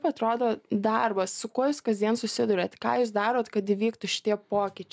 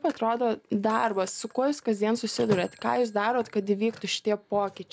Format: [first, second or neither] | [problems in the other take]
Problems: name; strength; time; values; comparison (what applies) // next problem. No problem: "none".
first | background sound (Telephone); 17 dB below the speech